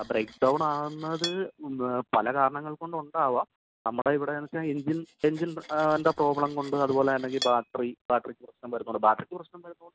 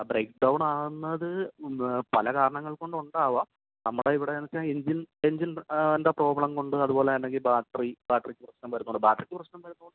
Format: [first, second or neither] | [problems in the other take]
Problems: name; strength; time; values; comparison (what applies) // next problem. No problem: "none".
second | background sound (Cutlery, silverware); 18 dB below the speech